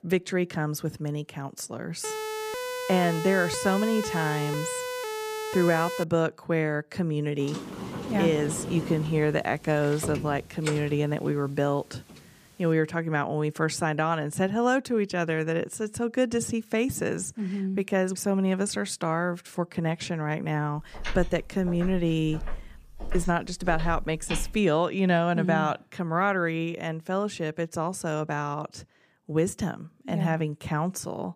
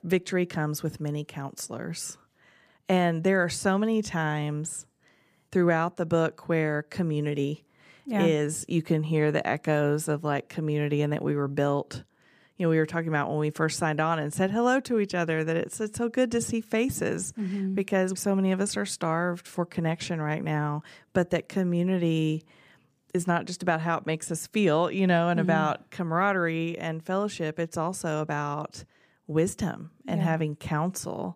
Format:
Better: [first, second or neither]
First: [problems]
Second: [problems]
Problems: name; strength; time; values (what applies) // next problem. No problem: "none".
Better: second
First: siren; noticeable; from 2 to 6 s; peak 5 dB below the speech // door banging; noticeable; from 7.5 to 12 s; peak 7 dB below the speech // footsteps; noticeable; from 21 to 25 s; peak 8 dB below the speech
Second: none